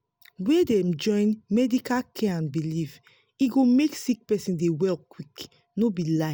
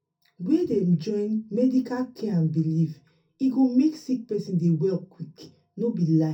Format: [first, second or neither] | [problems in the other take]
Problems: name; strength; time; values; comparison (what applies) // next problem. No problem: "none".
first | room echo; dies away in 0.3 s